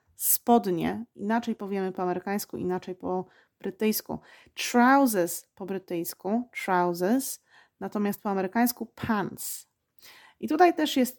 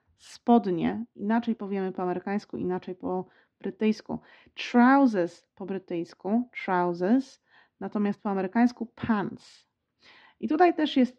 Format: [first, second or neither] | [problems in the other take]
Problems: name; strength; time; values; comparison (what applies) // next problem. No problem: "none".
first | muffled; slightly; fading above 4.5 kHz